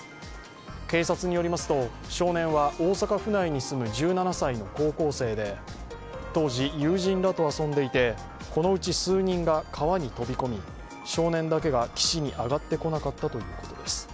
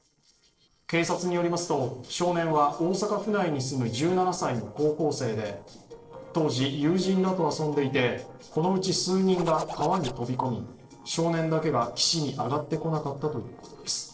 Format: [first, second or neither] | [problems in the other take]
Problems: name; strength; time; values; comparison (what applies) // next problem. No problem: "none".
first | noise reduction (neural separator model SepFormer DNS4)